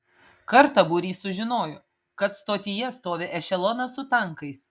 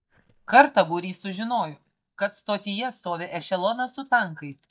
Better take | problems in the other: first | noise reduction (neural mask model DeepFilterNet 3)

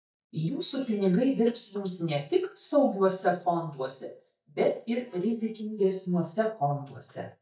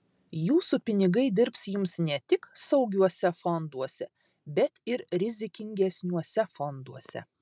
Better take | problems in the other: second | noise reduction (neural mask model DeepFilterNet 3)

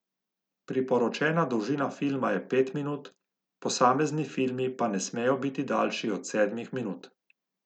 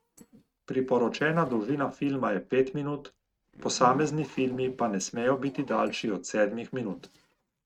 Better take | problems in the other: first | noise reduction (neural mask model RNNoise)

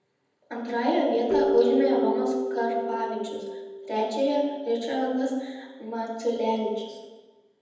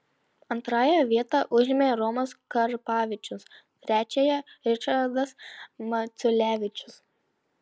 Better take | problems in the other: second | background sound (Keyboard (musical)); 6 dB below the speech // room echo; dies away in 1 s

